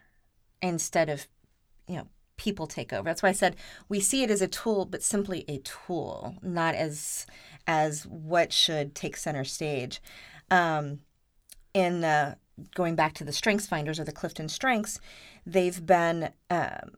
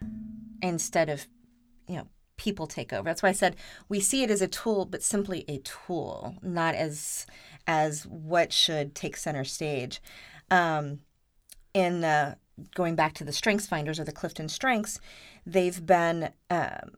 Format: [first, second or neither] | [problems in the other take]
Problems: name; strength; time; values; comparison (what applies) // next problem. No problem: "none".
first | clattering dishes; faint; until 1 s; peak 10 dB below the speech